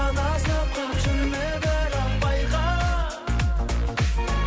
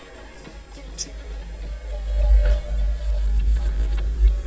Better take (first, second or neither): first